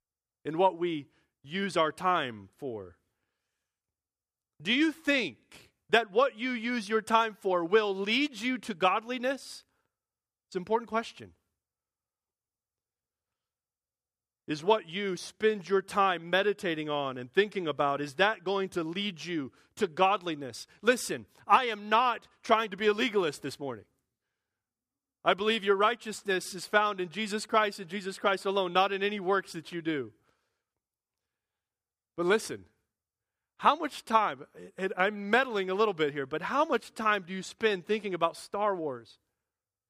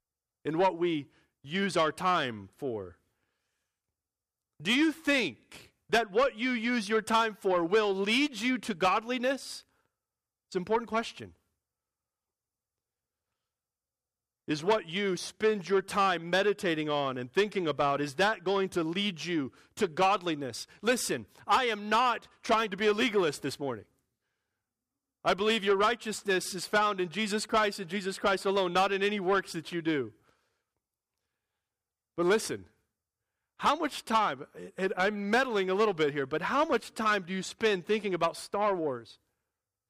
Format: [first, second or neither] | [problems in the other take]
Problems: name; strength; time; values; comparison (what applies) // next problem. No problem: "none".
first | distortion; slight; 10 dB below the speech